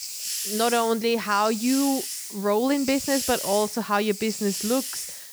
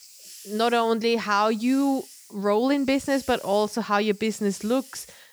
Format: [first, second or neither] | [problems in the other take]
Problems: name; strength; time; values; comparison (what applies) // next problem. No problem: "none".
second | hiss; loud; throughout; 6 dB below the speech; faint in the second